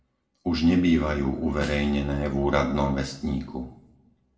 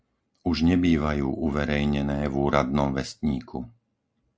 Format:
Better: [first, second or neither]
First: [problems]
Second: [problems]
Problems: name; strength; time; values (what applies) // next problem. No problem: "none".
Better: second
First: background sound (Snare drum); 20 dB below the speech // room echo; dies away in 0.6 s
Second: none